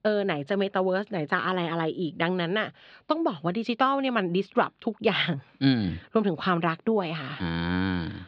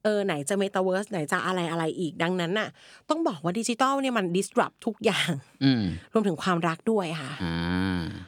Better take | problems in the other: second | muffled; very slightly; fading above 4 kHz

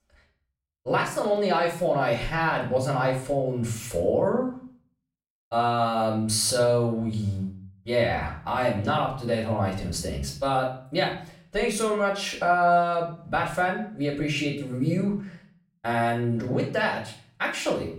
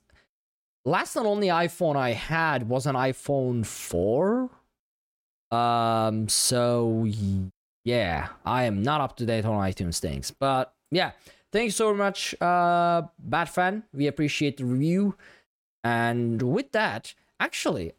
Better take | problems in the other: second | off-mic speech; far // room echo; slight; dies away in 0.4 s

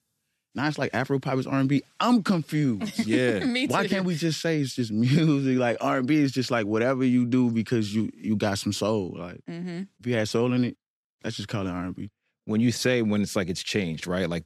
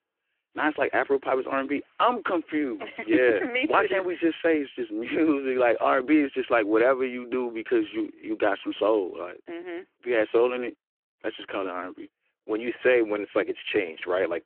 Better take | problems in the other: first | phone-call audio

